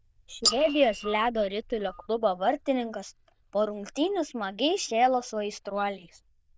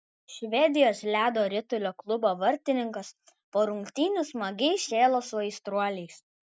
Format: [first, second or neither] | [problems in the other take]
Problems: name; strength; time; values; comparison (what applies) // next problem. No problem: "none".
second | noise reduction (neural diffusion model UNIVERSE++)